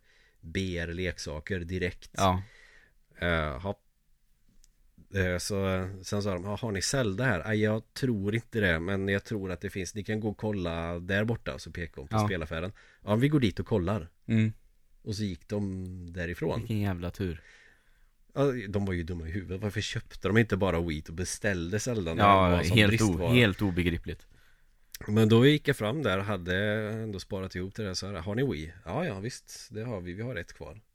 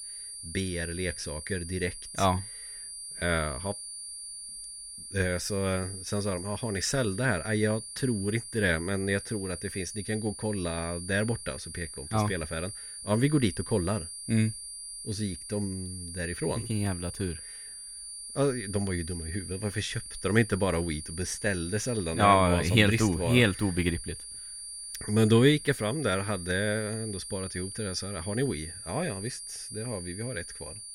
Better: first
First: none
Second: high-pitched whine; loud; throughout; 9.5 kHz, 9 dB below the speech

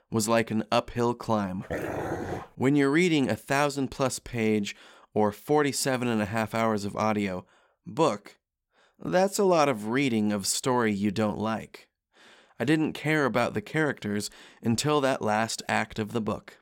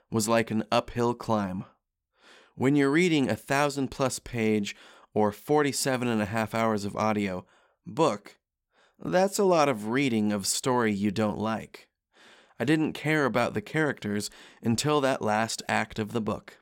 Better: second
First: dog barking; noticeable; at 1.5 s; peak 5 dB below the speech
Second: none

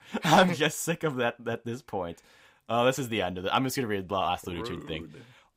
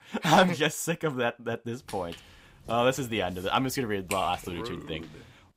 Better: first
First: none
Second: footsteps; noticeable; from 2 to 5 s; peak 9 dB below the speech

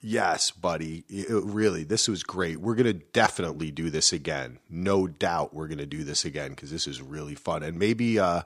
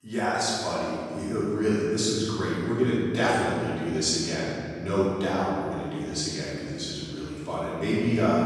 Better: first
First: none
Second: off-mic speech; far // room echo; strong; dies away in 2.6 s

